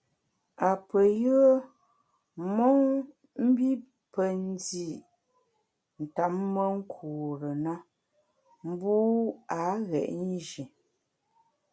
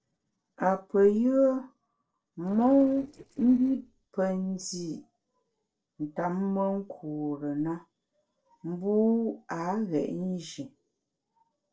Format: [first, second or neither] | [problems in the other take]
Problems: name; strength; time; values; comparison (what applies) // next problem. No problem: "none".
first | noise reduction (neural separator model SepFormer DNS4)